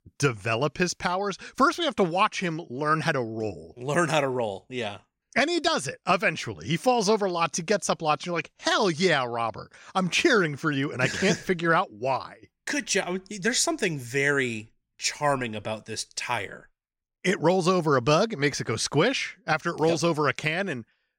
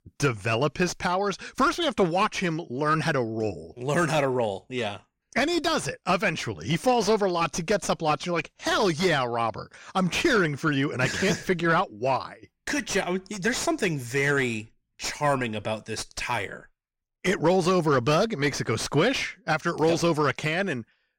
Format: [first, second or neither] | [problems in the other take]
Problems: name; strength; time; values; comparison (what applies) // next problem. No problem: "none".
first | distortion; slight; 10 dB below the speech